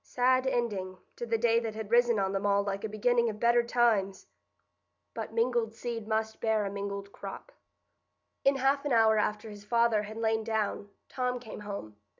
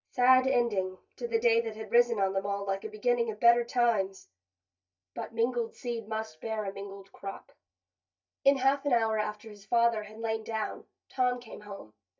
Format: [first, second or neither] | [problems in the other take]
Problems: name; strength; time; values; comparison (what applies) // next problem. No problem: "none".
first | noise reduction (neural mask model DeepFilterNet 3)